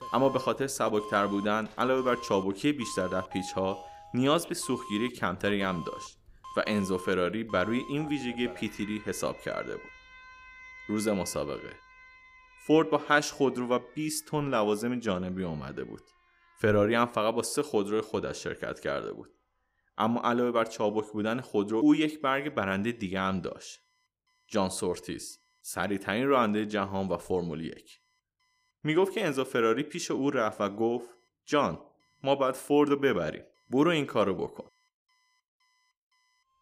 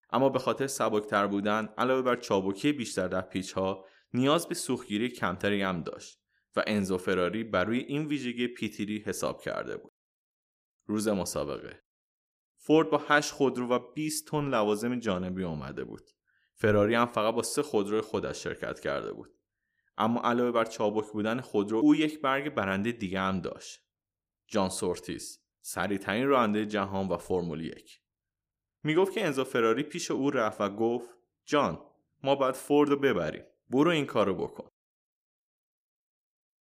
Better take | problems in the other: second | alarms or sirens; noticeable; throughout; 15 dB below the speech

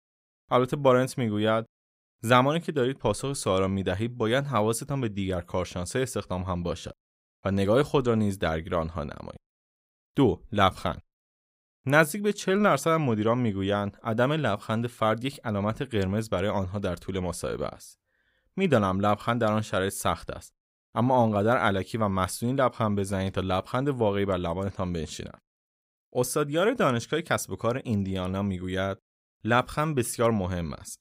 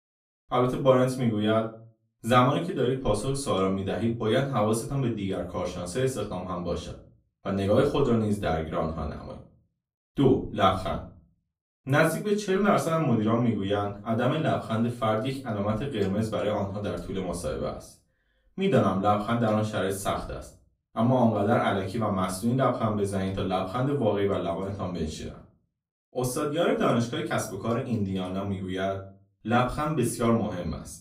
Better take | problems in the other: first | off-mic speech; far // room echo; slight; dies away in 0.3 s

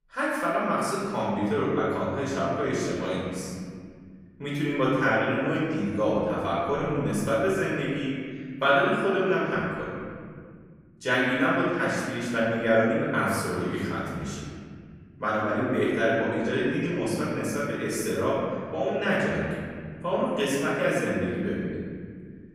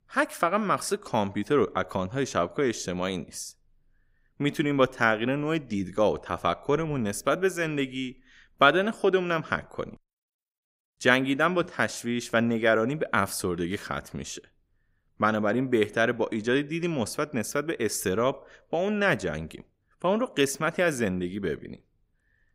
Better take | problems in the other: second | room echo; strong; dies away in 2.3 s // off-mic speech; far

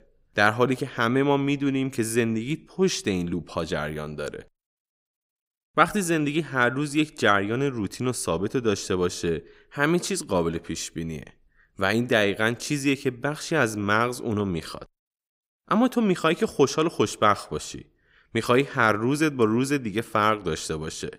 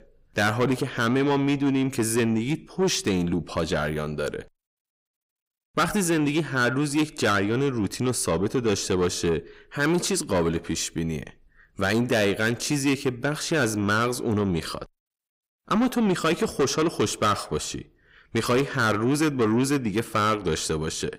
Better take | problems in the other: first | distortion; heavy; 8 dB below the speech

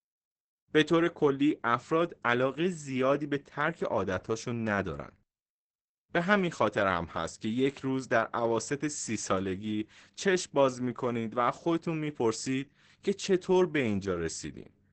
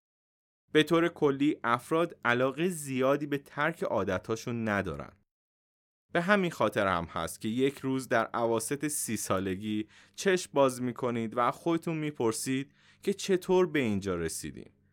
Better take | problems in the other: second | garbled, watery; badly; nothing above 8 kHz

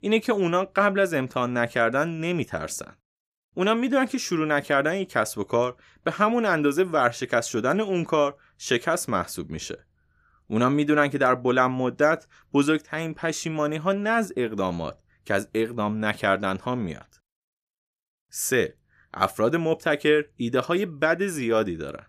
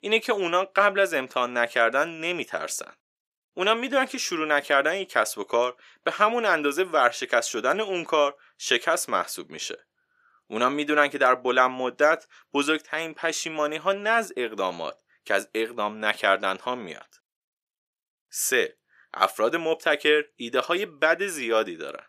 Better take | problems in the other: first | thin; somewhat; fading below 450 Hz

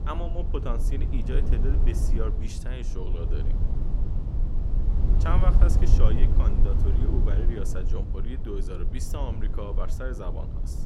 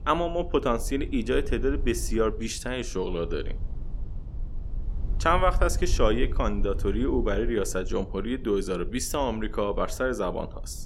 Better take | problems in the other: second | low rumble; loud; throughout; 4 dB below the speech; faint in the second

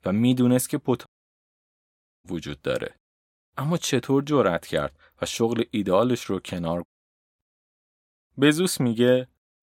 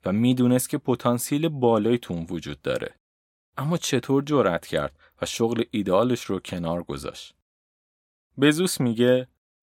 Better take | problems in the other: second | audio cutting out; at 1 s for 1 s and at 7 s for 0.5 s

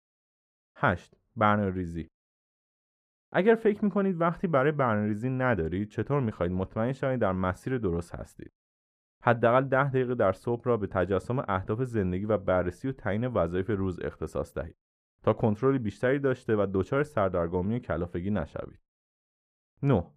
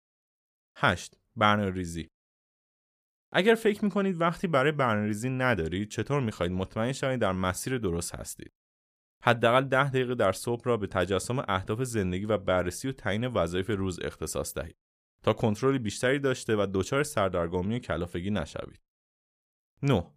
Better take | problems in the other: second | muffled; very; fading above 2.5 kHz

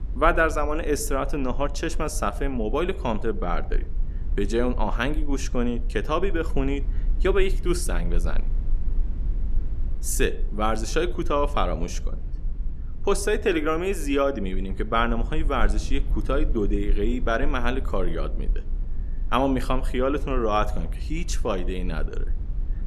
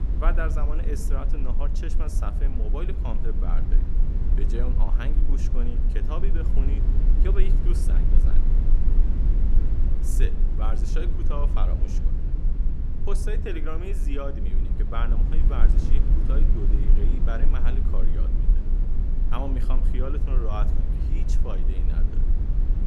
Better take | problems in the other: first | low rumble; loud; throughout; 5 dB below the speech; faint in the first

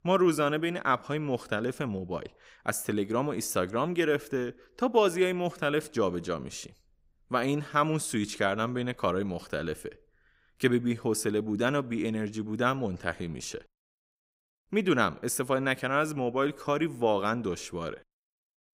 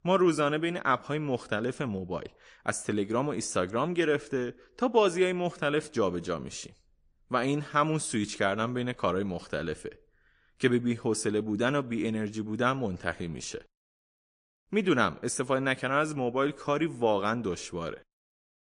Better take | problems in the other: first | garbled, watery; slightly

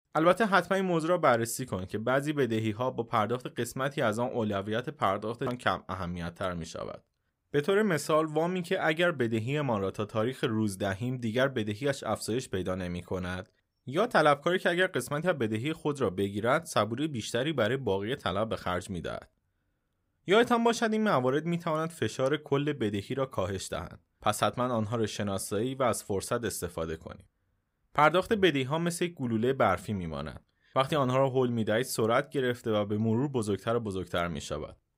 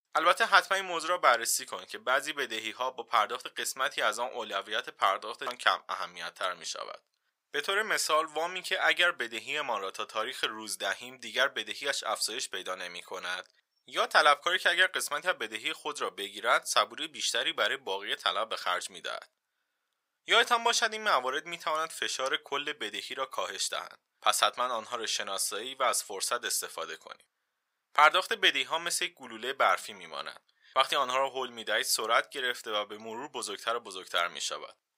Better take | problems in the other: first | thin; very; fading below 900 Hz

